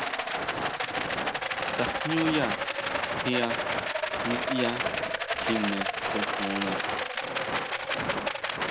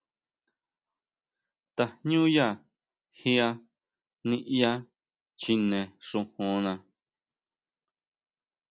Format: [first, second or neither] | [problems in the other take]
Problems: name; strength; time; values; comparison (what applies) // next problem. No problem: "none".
second | background sound (Rattle); 4 dB above the speech